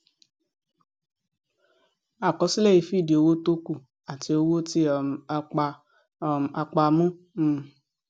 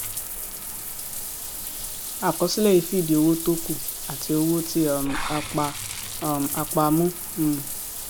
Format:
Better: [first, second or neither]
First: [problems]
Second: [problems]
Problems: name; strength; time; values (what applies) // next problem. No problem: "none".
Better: first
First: none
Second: background sound (Bathtub (filling or washing) / Water); 7 dB below the speech